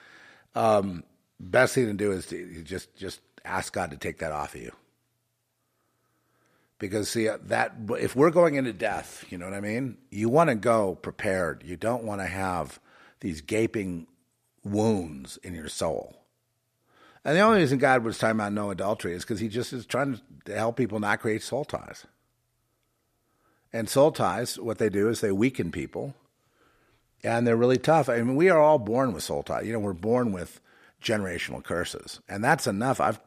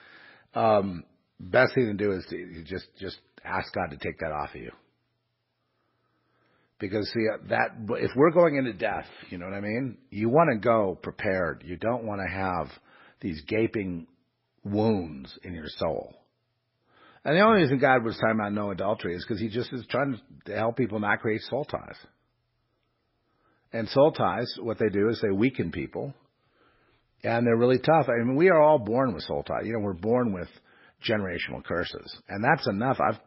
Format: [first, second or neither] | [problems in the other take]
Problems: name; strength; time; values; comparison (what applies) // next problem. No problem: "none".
first | garbled, watery; badly; nothing above 5.5 kHz